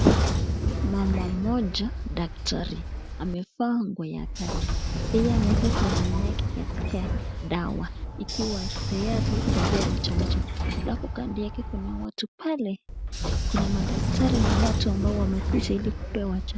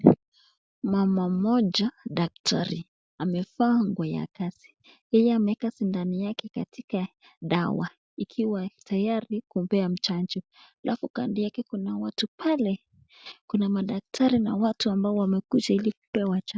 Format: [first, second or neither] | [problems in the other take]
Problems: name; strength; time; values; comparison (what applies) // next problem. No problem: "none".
second | background sound (Sliding door / Train); 2 dB above the speech